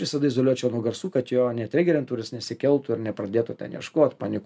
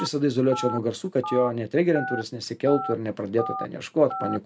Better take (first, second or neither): first